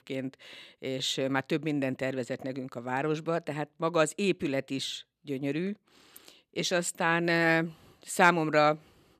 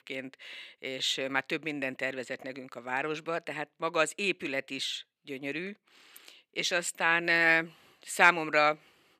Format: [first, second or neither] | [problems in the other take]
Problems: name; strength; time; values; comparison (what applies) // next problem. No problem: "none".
first | thin; somewhat; fading below 900 Hz